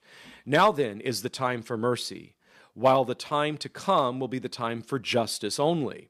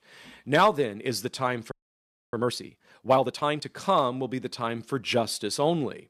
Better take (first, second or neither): first